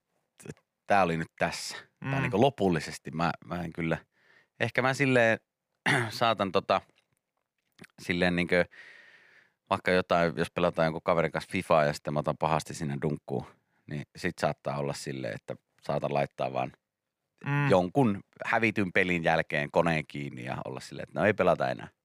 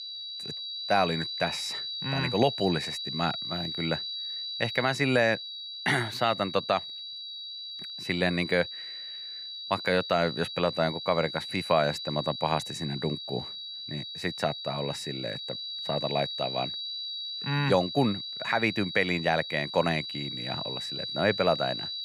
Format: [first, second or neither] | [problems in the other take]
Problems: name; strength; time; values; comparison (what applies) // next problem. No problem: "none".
first | high-pitched whine; loud; throughout; 4 kHz, 5 dB below the speech